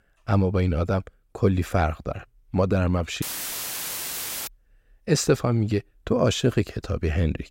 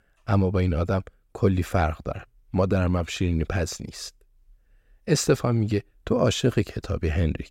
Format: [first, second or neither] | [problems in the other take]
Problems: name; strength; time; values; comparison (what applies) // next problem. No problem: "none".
second | audio cutting out; filled with static; at 3 s for 1 s